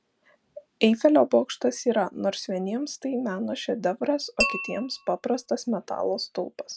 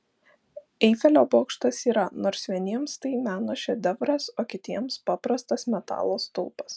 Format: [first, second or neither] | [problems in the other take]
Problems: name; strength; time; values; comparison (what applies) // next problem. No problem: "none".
second | background sound (Tap / Glass); 6 dB below the speech